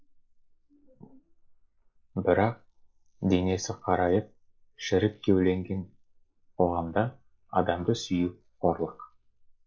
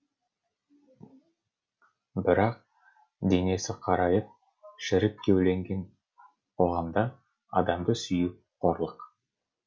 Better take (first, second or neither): second